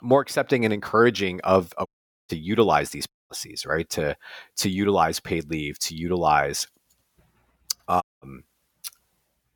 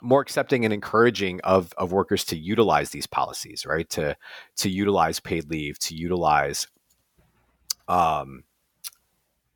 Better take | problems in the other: second | audio cutting out; at 2 s, at 3 s and at 8 s

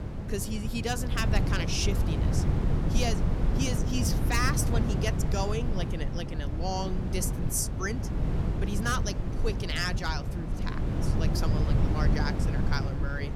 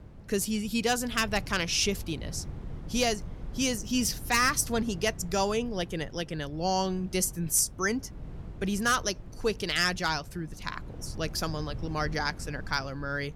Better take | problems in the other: second | wind noise on the microphone; heavy; 5 dB below the speech; occasional gusts in the second

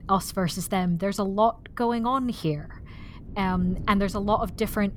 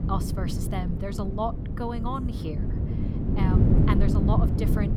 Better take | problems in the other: first | wind noise on the microphone; heavy; 2 dB below the speech; occasional gusts in the first

